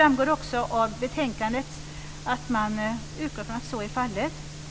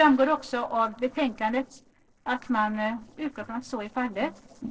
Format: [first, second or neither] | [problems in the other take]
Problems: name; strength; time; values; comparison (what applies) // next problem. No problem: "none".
first | noise reduction (neural separator model SepFormer DNS4)